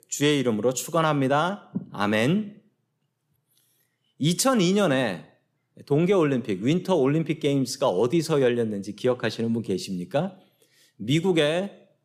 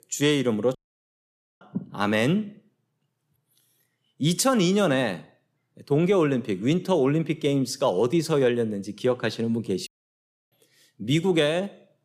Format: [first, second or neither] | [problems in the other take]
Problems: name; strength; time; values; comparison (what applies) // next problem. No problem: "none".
first | audio cutting out; at 1 s for 1 s and at 10 s for 0.5 s